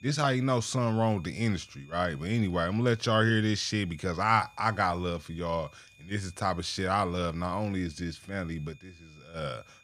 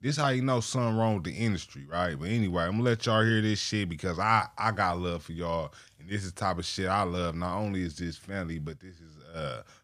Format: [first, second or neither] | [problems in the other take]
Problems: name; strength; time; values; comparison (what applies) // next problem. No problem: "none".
second | high-pitched whine; faint; throughout; 2.5 kHz, 25 dB below the speech